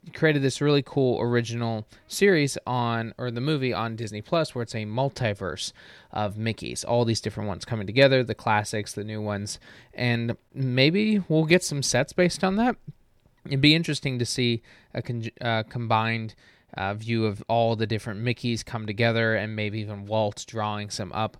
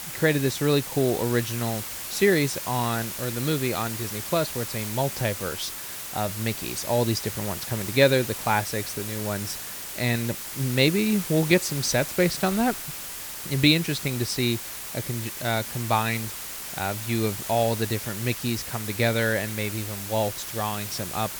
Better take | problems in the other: first | hiss; loud; throughout; 6 dB below the speech

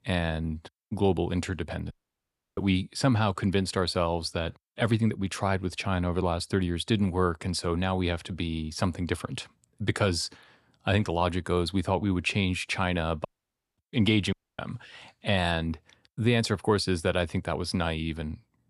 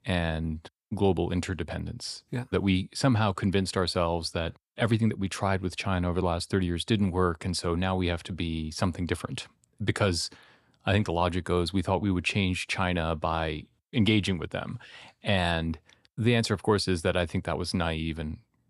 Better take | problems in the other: second | audio cutting out; at 2 s for 0.5 s, at 13 s for 0.5 s and at 14 s

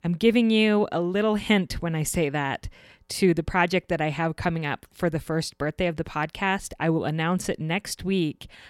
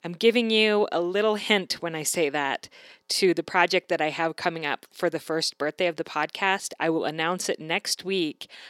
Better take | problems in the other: first | thin; somewhat; fading below 350 Hz

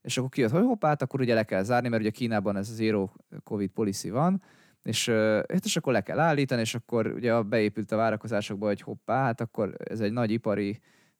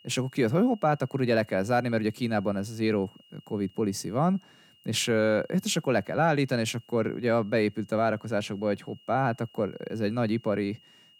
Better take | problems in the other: first | high-pitched whine; faint; throughout; 3 kHz, 30 dB below the speech

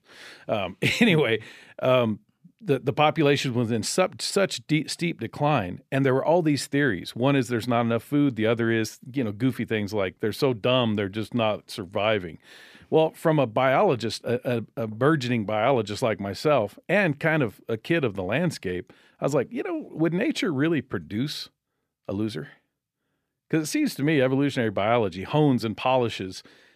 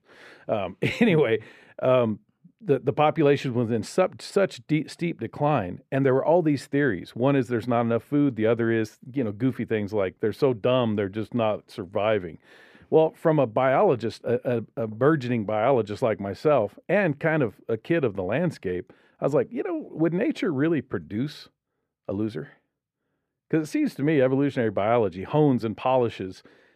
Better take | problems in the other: first | muffled; slightly; fading above 2.5 kHz

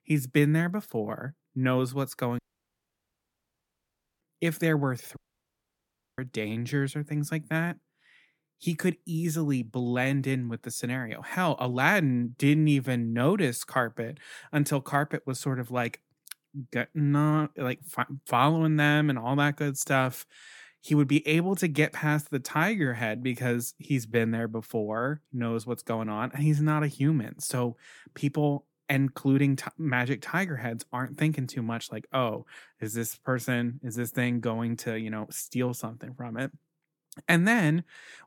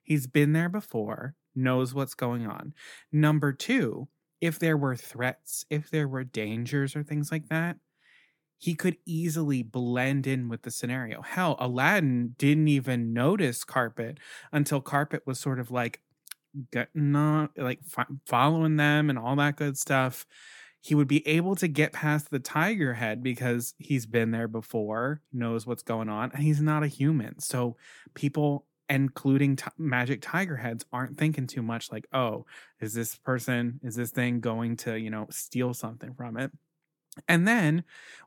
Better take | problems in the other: second | audio cutting out; at 2.5 s for 2 s and at 5 s for 1 s

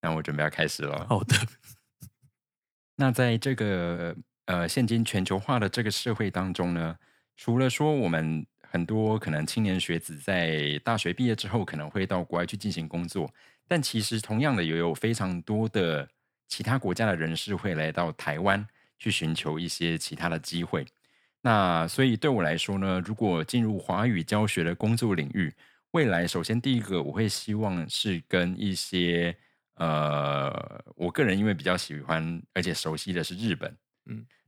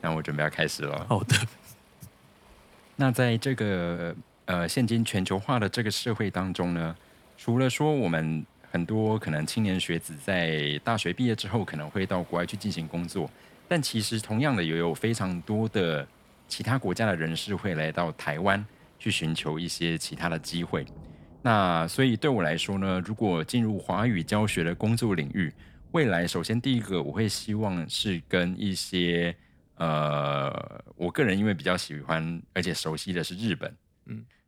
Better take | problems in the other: first | rain or running water; faint; throughout; 25 dB below the speech

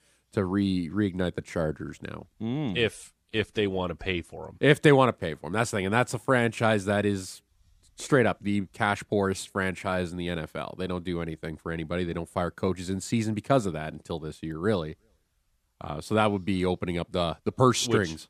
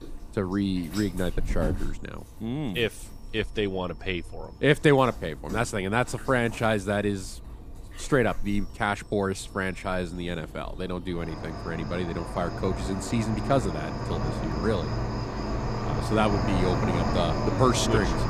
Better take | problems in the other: first | animal sounds; loud; throughout; 4 dB below the speech

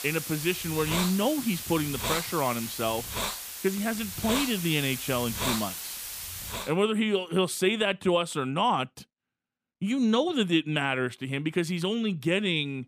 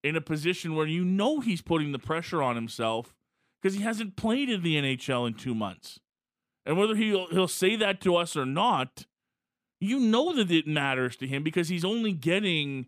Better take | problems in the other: second | hiss; loud; until 6.5 s; 5 dB below the speech

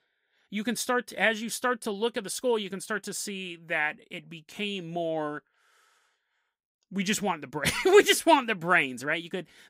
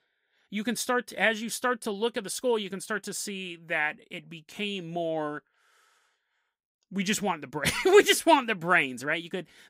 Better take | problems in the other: neither | none

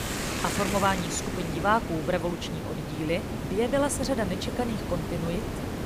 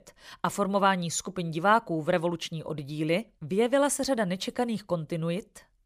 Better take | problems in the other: second | hiss; loud; throughout; 3 dB below the speech

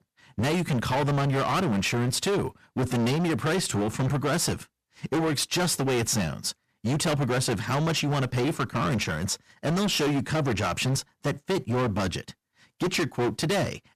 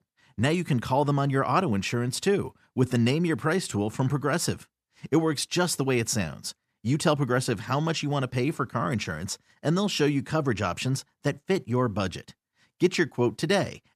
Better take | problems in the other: second | distortion; heavy; 26% of the sound clipped

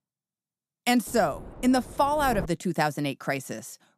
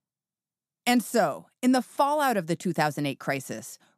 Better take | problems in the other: second | wind noise on the microphone; occasional gusts; from 1 to 2.5 s; 20 dB below the speech

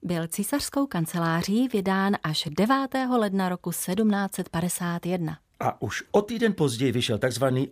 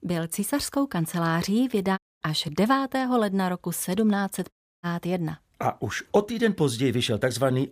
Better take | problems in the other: first | audio cutting out; at 2 s and at 4.5 s

